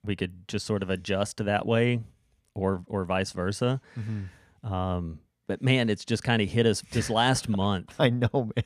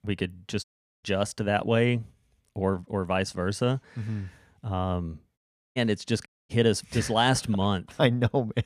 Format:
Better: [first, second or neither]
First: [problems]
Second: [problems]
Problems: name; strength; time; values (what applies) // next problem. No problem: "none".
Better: first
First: none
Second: audio cutting out; at 0.5 s, at 5.5 s and at 6.5 s